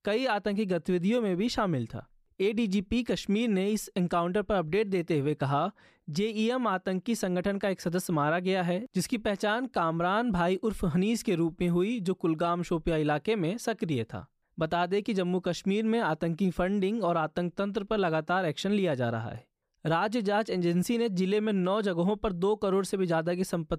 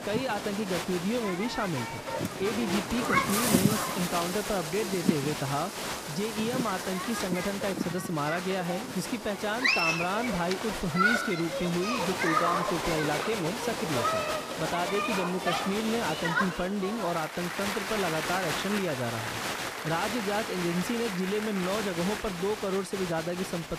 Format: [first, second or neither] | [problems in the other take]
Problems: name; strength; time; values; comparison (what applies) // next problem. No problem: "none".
first | crowd noise; very loud; throughout; 1 dB above the speech